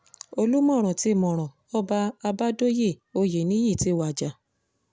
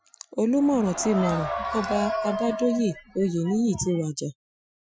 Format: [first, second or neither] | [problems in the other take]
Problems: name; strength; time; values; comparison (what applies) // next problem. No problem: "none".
first | noise reduction (classical method Wiener filter)